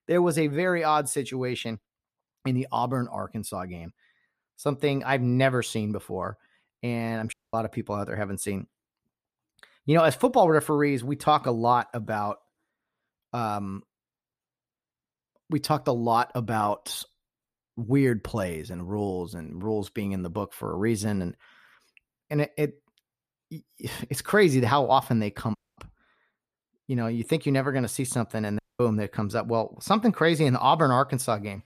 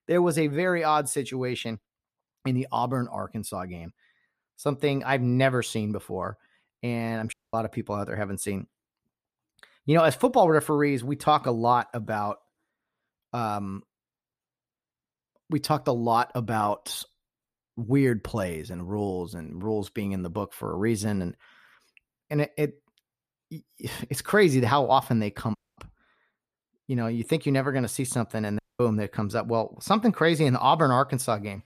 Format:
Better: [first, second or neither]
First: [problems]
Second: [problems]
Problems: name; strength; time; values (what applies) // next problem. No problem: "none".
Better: neither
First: audio cutting out; at 7.5 s, at 26 s and at 29 s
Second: audio cutting out; at 7.5 s, at 26 s and at 29 s